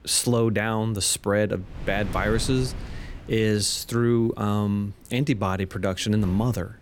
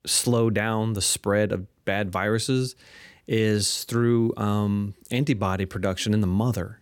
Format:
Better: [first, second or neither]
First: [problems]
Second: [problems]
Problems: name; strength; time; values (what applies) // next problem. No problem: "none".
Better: second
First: wind noise on the microphone; occasional gusts; 15 dB below the speech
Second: none